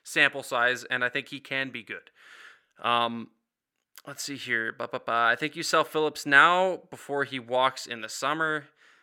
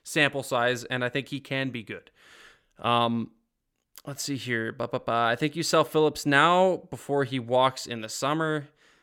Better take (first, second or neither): second